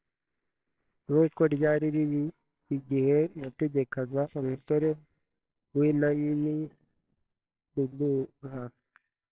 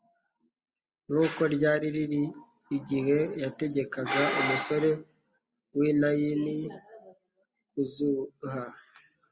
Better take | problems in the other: second | noise reduction (neural separator model SepFormer WHAMR!)

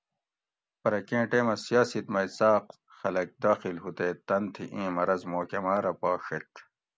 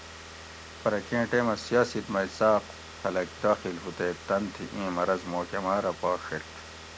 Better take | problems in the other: first | background sound (Car); 15 dB below the speech

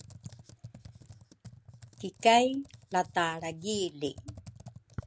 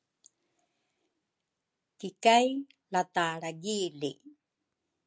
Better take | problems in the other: second | background sound (Computer keyboard); 17 dB below the speech

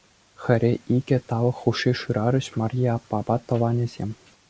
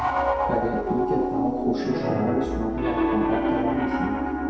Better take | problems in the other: first | background sound (Piano); 5 dB above the speech // room echo; dies away in 0.7 s

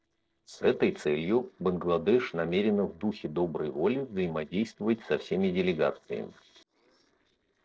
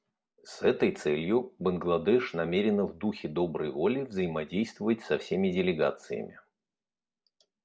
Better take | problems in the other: second | noise reduction (neural separator model SepFormer DNS4)

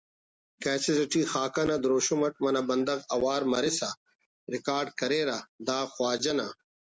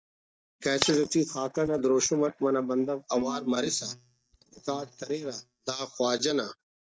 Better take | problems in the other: first | noise reduction (neural mask model DeepFilterNet 3)

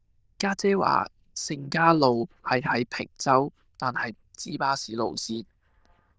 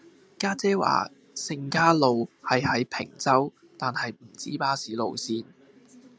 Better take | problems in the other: second | noise reduction (neural diffusion model UNIVERSE++)

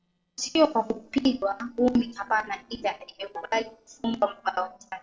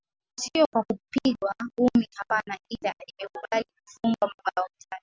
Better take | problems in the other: second | noise reduction (neural separator model SepFormer DNS4)

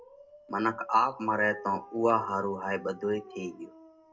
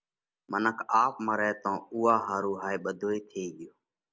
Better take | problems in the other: second | background sound (Dog); 19 dB below the speech // room echo; dies away in 0.2 s

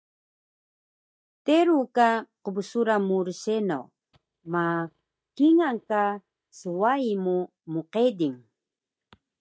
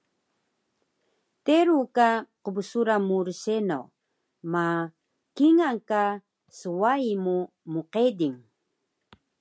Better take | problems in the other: second | noise reduction (neural mask model DeepFilterNet 3)

